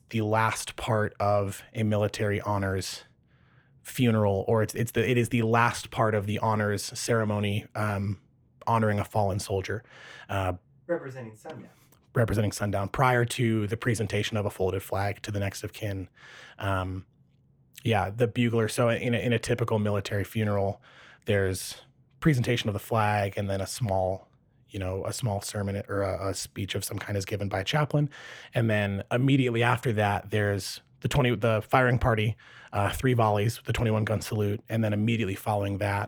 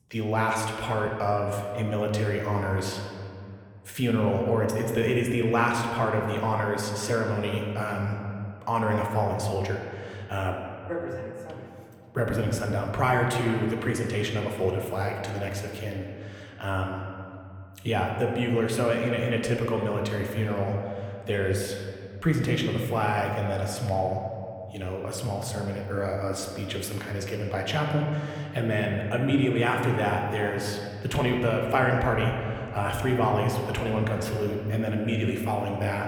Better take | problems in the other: first | room echo; slight; dies away in 2 s

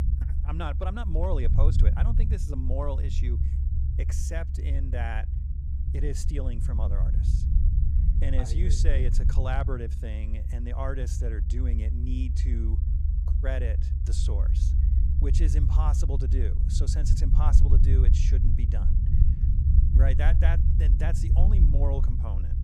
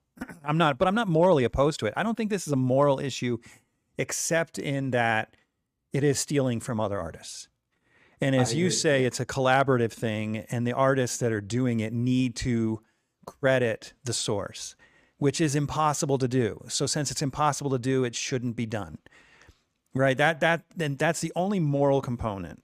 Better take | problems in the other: second | low rumble; loud; throughout; 5 dB below the speech

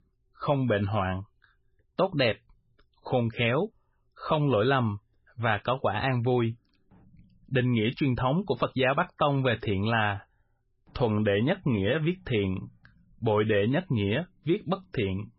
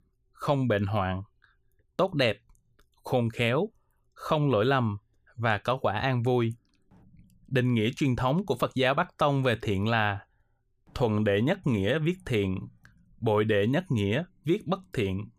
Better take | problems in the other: second | garbled, watery; badly; nothing above 5.5 kHz

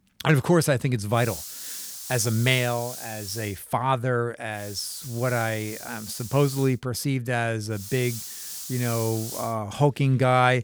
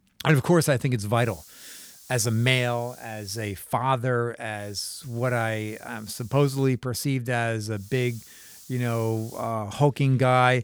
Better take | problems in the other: second | hiss; loud; from 1 to 3.5 s, from 4.5 to 6.5 s and from 8 to 9.5 s; 10 dB below the speech; faint in the second

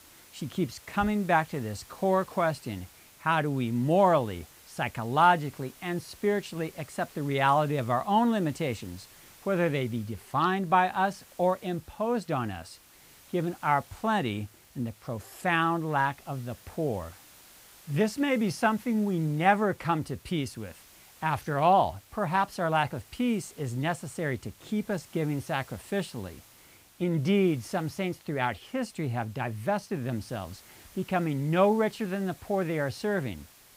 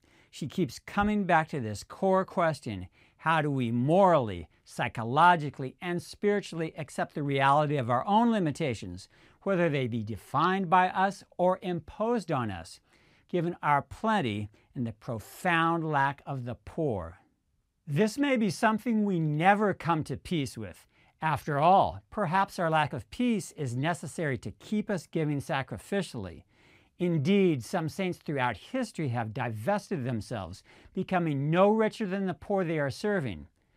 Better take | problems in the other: second | hiss; faint; throughout; 25 dB below the speech

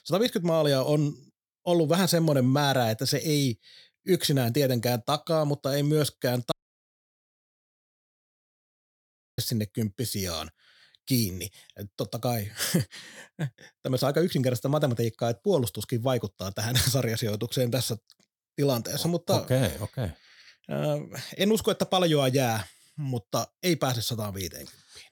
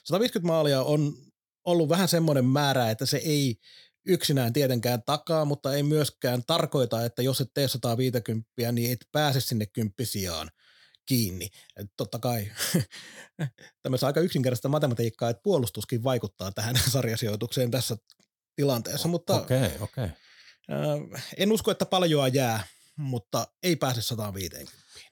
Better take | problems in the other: second | audio cutting out; at 6.5 s for 3 s

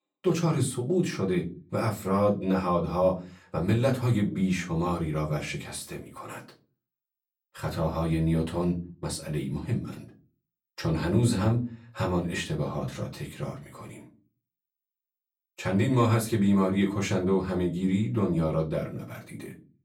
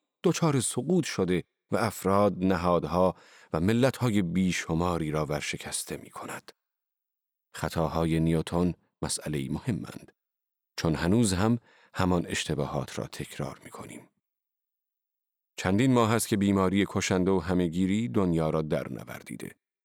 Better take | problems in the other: second | off-mic speech; far // room echo; very slight; dies away in 0.3 s

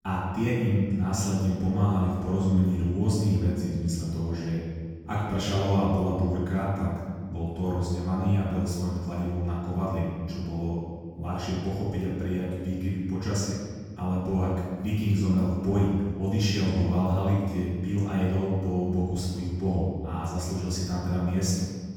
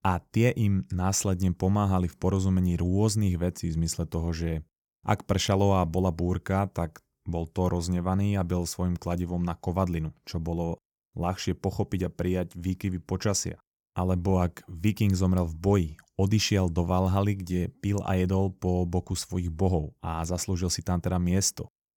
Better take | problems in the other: second | off-mic speech; far // room echo; strong; dies away in 1.7 s

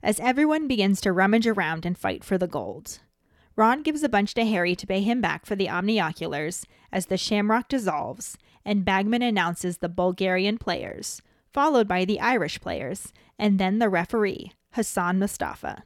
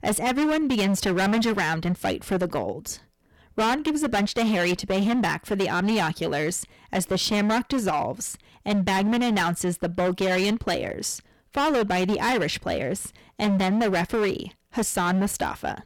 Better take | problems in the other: first | distortion; heavy; 20% of the sound clipped

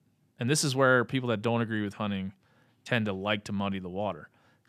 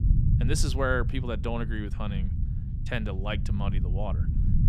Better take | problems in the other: first | low rumble; noticeable; throughout; 10 dB below the speech

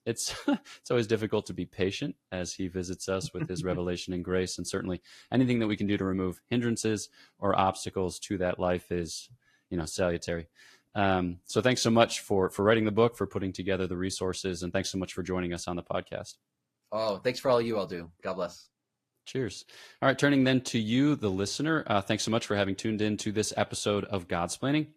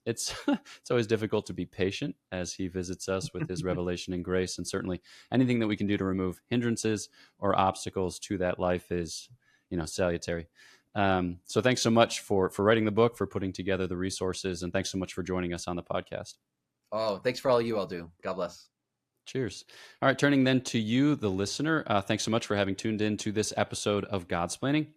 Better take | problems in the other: second | garbled, watery; slightly; nothing above 14 kHz

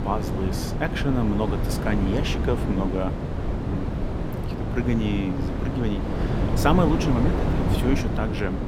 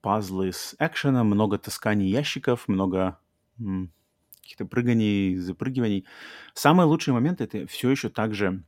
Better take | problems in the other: second | wind noise on the microphone; heavy; 3 dB below the speech

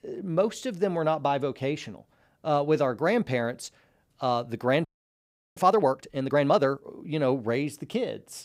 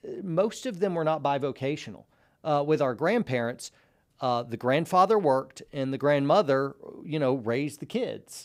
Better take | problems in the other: second | audio freezing; at 5 s for 0.5 s

